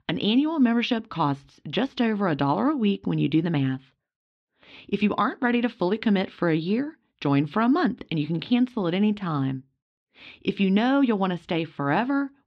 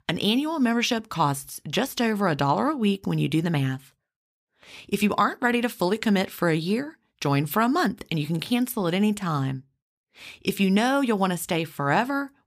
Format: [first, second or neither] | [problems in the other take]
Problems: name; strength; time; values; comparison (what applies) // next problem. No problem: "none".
second | muffled; slightly; fading above 3.5 kHz